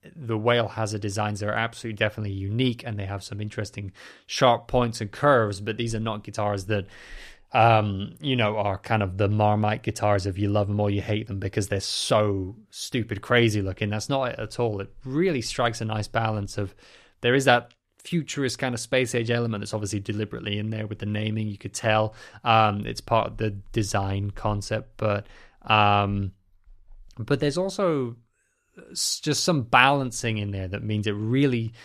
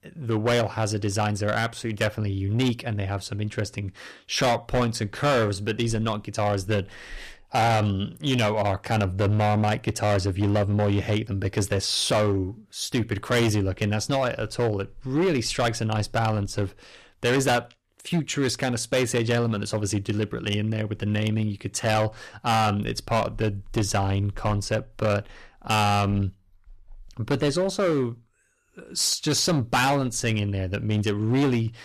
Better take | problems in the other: first | distortion; heavy; 10% of the sound clipped

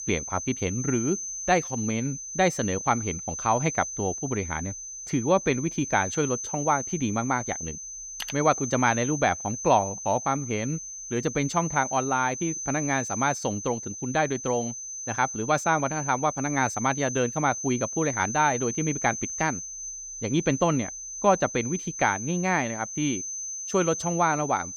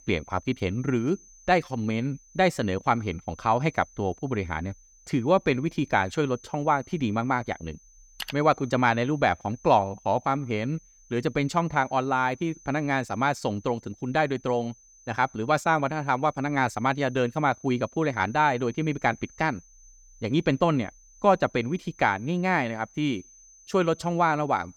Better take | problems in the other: second | high-pitched whine; loud; throughout; 6 kHz, 6 dB below the speech; faint in the second

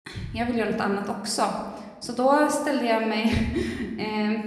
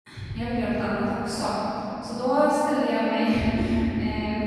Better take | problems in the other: first | room echo; strong; dies away in 3 s; slight in the first // off-mic speech; far

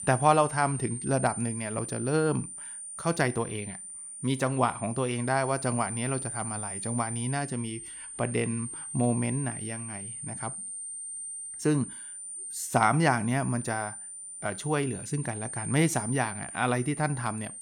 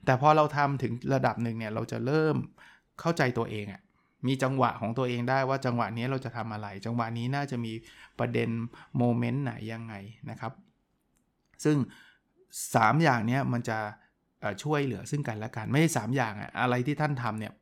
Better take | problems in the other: second | high-pitched whine; loud; throughout; 9 kHz, 7 dB below the speech

